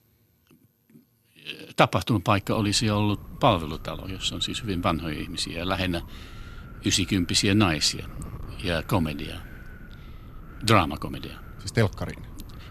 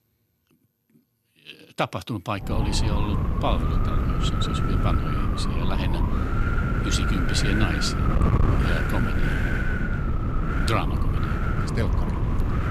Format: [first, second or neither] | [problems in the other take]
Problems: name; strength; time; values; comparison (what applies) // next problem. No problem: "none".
first | wind noise on the microphone; heavy; from 2.5 s on; 1 dB above the speech; occasional gusts in the first